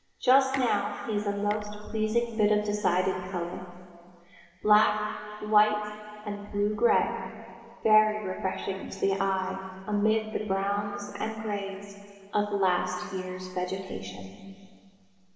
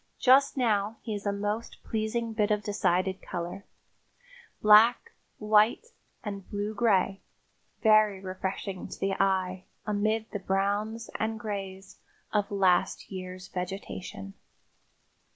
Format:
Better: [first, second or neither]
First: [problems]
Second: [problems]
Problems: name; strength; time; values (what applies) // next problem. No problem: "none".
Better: second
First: background sound (Tick); 18 dB below the speech // room echo; dies away in 2.3 s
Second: none